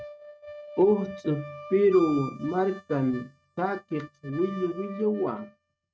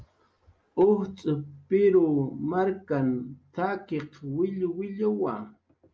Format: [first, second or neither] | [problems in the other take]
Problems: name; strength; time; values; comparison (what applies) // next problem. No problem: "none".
second | noise reduction (neural mask model RNNoise)